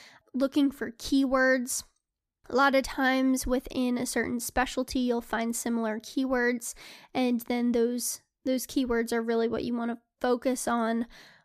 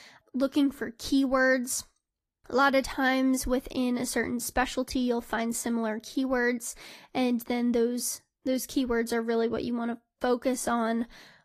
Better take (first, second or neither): first